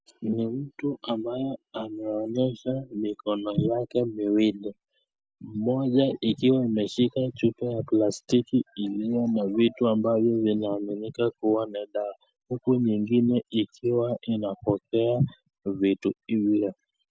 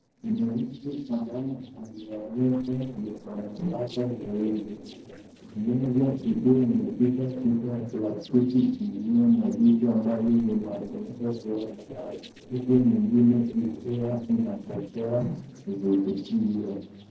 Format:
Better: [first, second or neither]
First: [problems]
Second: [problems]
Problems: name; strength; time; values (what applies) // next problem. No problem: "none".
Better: first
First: none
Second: noise reduction (neural separator model SepFormer DNS4)